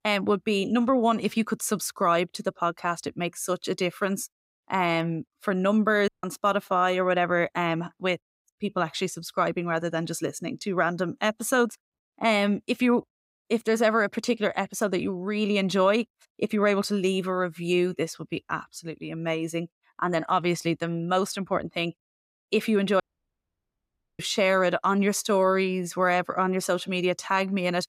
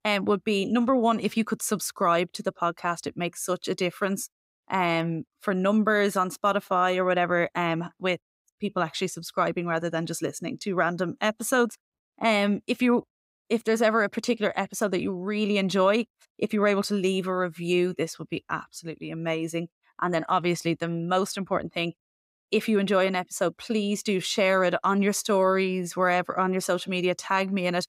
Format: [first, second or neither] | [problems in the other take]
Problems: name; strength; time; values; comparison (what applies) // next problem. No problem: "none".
second | audio cutting out; at 6 s and at 23 s for 1 s